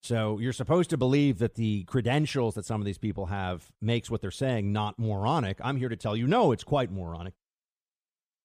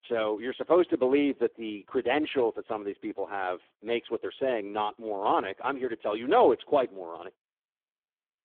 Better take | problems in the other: first | phone-call audio; poor line

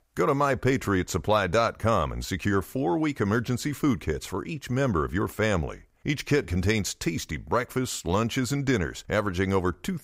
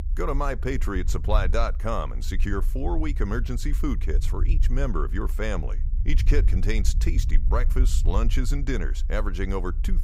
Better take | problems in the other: first | low rumble; noticeable; throughout; 15 dB below the speech

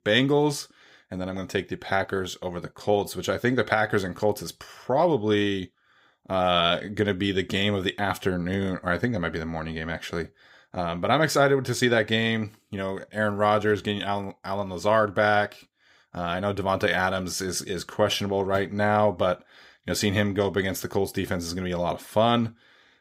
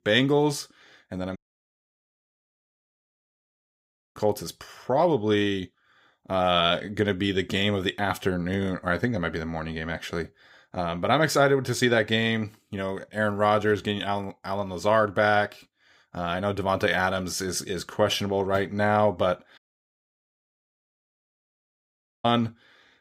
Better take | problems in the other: first | audio cutting out; at 1.5 s for 3 s and at 20 s for 2.5 s

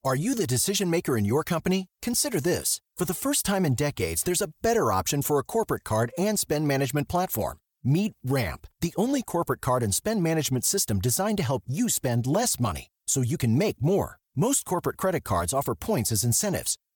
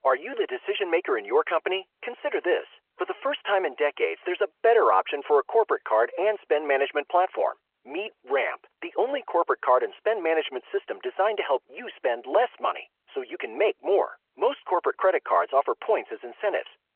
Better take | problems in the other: first | phone-call audio

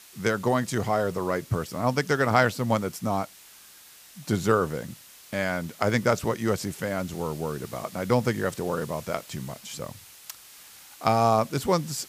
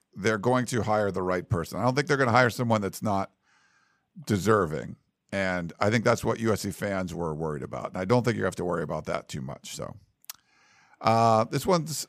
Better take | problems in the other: second | hiss; noticeable; throughout; 20 dB below the speech

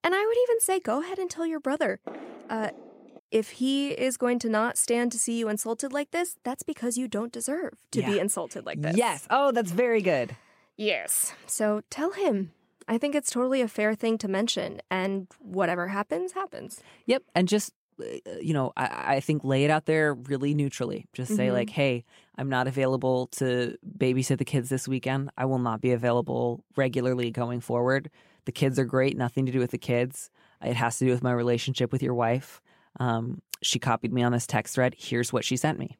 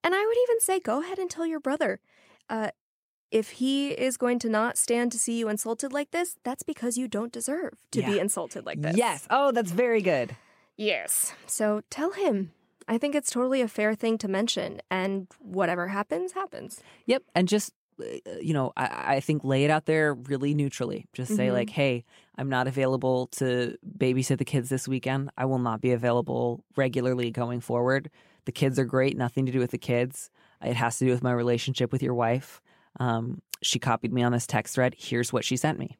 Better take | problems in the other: second | footsteps; faint; from 2 to 3 s; peak 15 dB below the speech

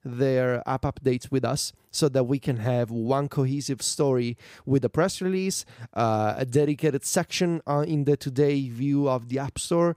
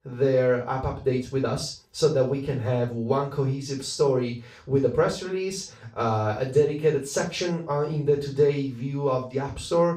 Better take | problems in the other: first | room echo; noticeable; dies away in 0.3 s // off-mic speech; far

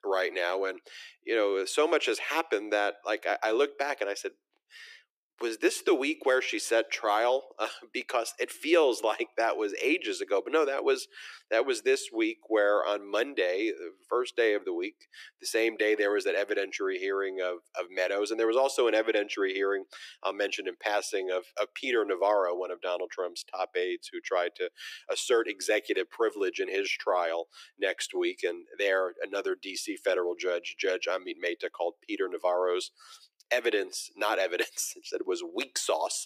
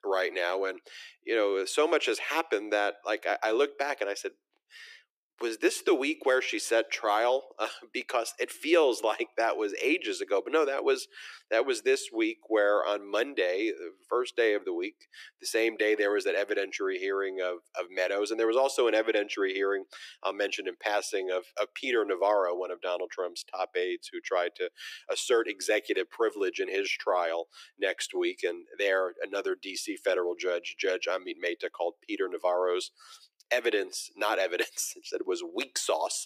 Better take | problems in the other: neither | thin; very; fading below 300 Hz; the same in both

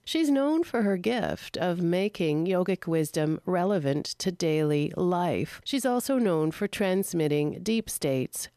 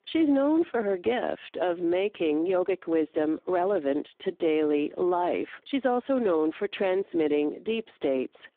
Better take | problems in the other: first | phone-call audio; poor line

